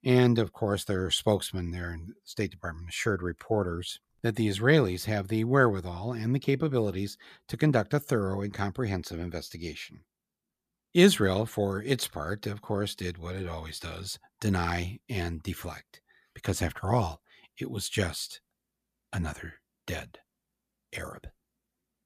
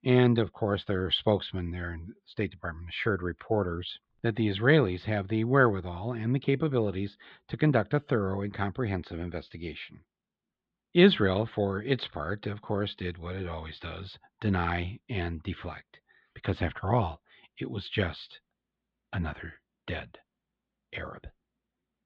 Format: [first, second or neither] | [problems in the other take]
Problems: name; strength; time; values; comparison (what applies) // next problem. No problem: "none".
first | muffled; slightly; fading above 3.5 kHz